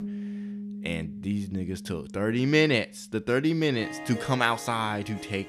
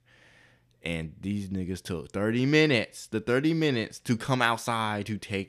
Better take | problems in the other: second | background music; noticeable; throughout; 10 dB below the speech

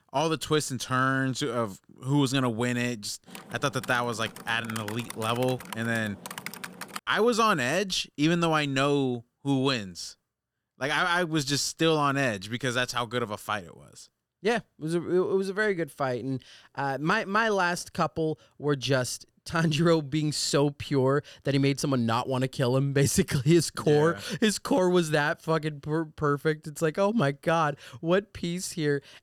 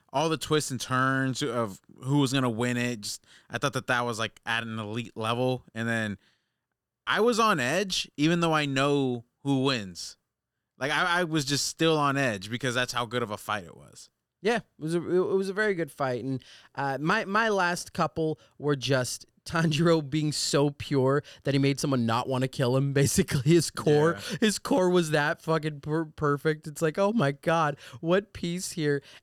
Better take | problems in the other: second | keyboard typing; faint; from 3.5 to 7 s; peak 10 dB below the speech

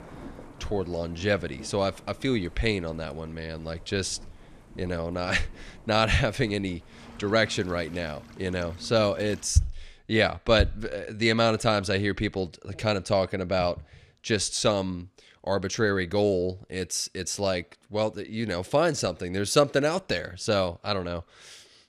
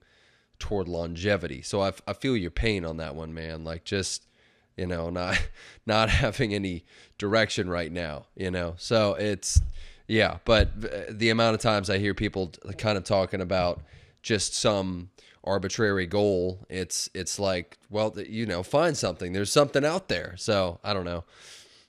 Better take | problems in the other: second | rain or running water; faint; until 9.5 s; 20 dB below the speech

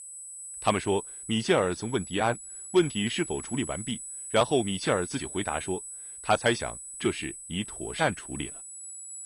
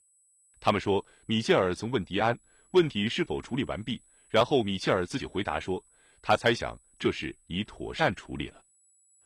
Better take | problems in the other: second | high-pitched whine; loud; throughout; 8 kHz, 9 dB below the speech; faint in the second

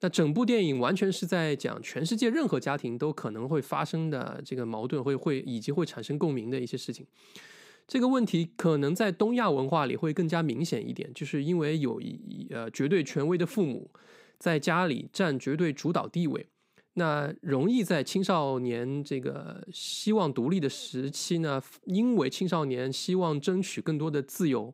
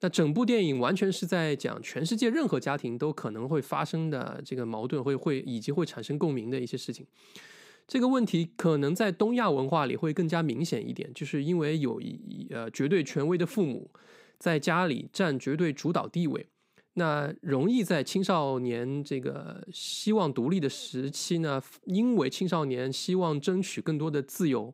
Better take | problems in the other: neither | none

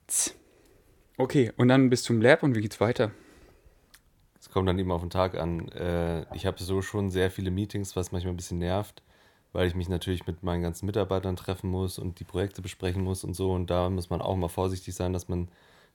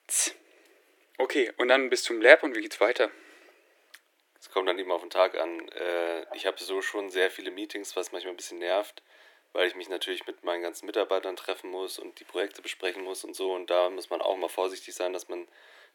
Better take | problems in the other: first | thin; very; fading below 300 Hz

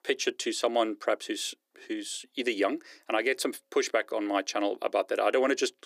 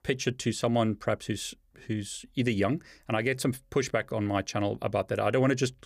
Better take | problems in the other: second | thin; somewhat; fading below 300 Hz

